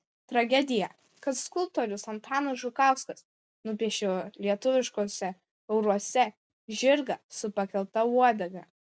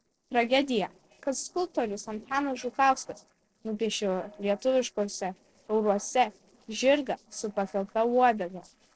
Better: first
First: none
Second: noise reduction (neural separator model SepFormer DNS4)

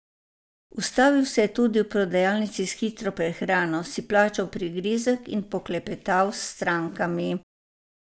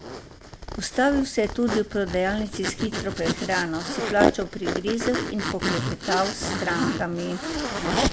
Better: first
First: none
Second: background sound (Zipper (clothing)); 1 dB below the speech

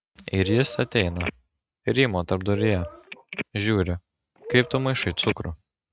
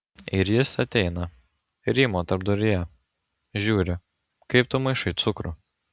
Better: second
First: noise reduction (neural mask model RNNoise)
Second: none

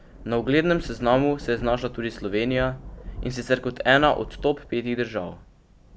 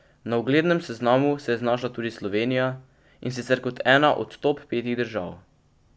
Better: second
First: background sound (Thunder / Rain); 15 dB below the speech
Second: none

